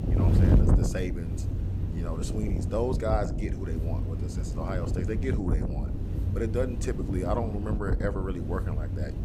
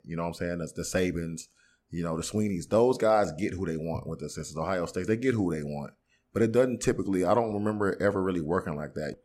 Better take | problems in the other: second | wind noise on the microphone; heavy; 4 dB below the speech

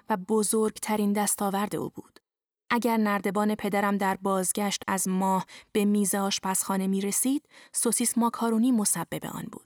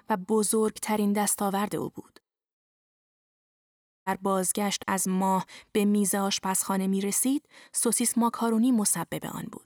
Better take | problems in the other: first | audio cutting out; at 2.5 s for 1.5 s

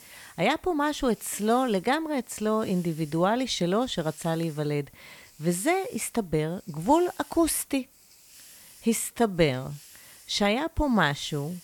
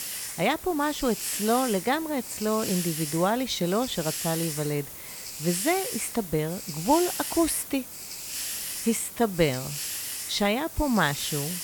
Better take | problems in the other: first | hiss; loud; throughout; 6 dB below the speech; faint in the first

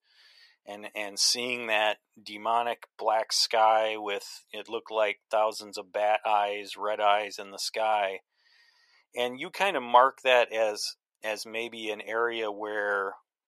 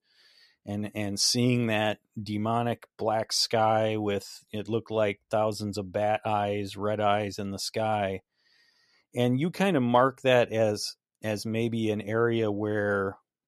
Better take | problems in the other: second | thin; very; fading below 650 Hz

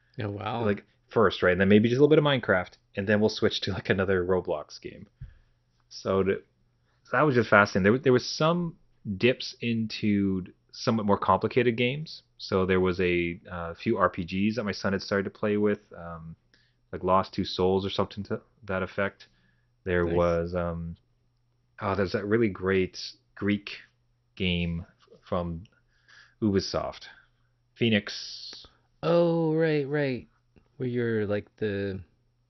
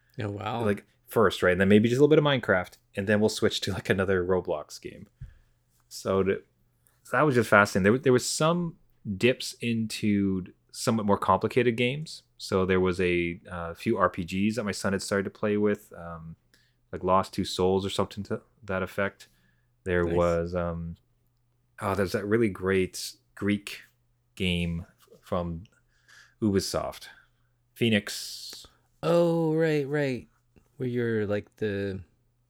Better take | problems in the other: second | garbled, watery; slightly; nothing above 6 kHz

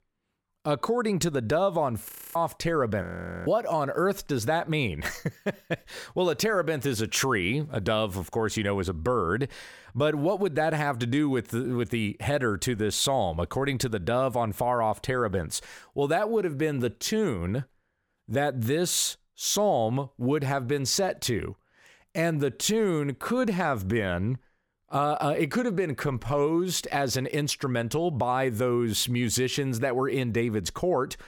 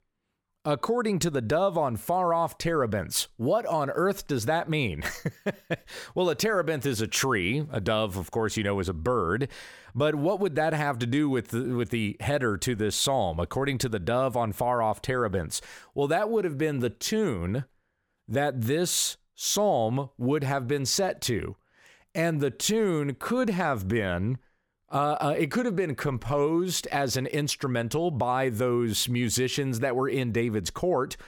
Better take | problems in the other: second | audio freezing; at 2 s and at 3 s

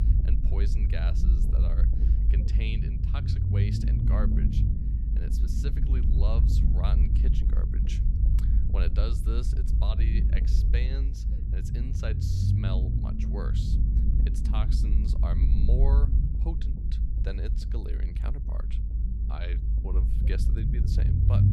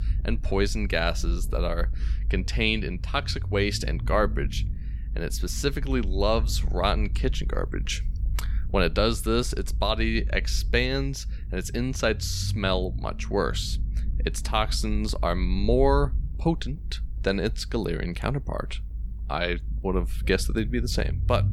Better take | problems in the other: second | low rumble; loud; throughout; 1 dB below the speech; faint in the second

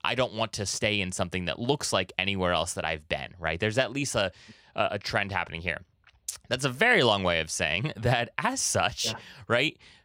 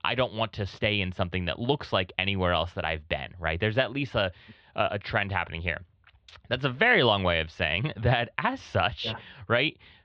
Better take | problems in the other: first | muffled; very; fading above 3.5 kHz

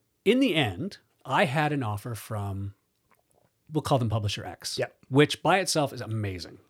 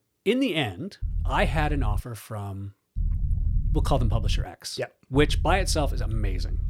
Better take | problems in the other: first | low rumble; noticeable; at 1 s, from 3 to 4.5 s and from 5 s on; 20 dB below the speech

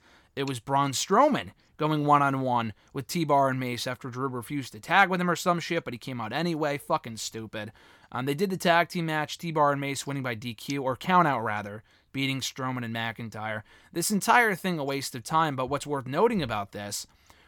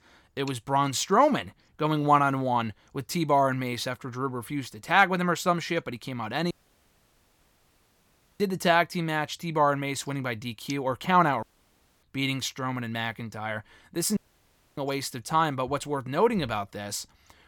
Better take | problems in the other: first | audio cutting out; at 6.5 s for 2 s, at 11 s for 0.5 s and at 14 s for 0.5 s

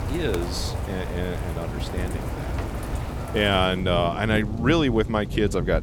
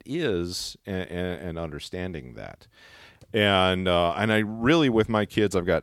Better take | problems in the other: second | rain or running water; loud; throughout; 5 dB below the speech

